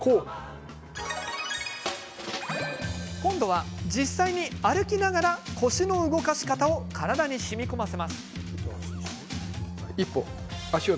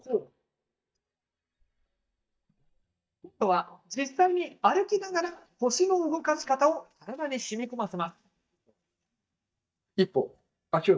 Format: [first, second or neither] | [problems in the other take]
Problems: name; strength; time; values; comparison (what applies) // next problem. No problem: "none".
first | noise reduction (neural mask model DeepFilterNet 3)